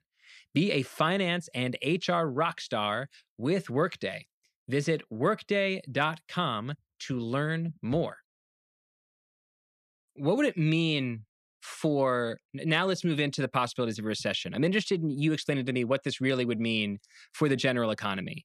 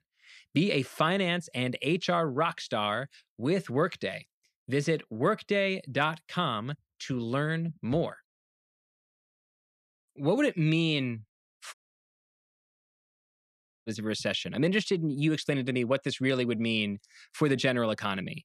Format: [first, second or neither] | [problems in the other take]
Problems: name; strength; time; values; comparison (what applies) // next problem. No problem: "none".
first | audio cutting out; at 12 s for 2 s